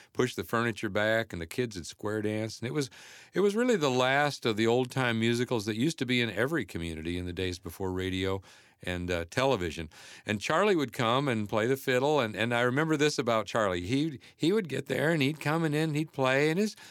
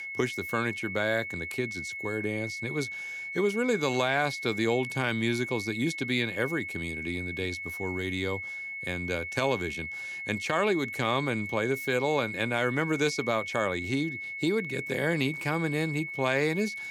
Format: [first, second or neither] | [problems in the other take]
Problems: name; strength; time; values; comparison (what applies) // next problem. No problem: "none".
first | high-pitched whine; loud; throughout; 2 kHz, 5 dB below the speech